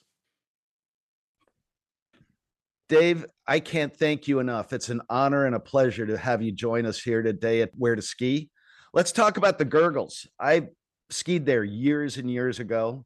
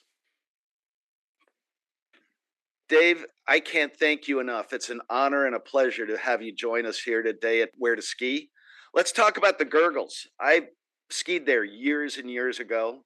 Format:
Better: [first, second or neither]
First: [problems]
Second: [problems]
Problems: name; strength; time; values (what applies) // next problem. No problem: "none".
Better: first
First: none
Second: thin; very slightly; fading below 300 Hz